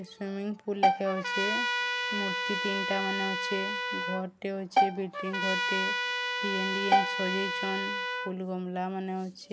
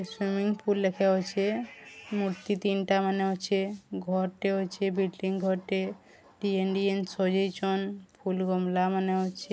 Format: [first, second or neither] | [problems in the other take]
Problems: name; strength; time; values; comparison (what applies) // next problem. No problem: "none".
second | background sound (Trumpet + Bowed string instrument); 5 dB above the speech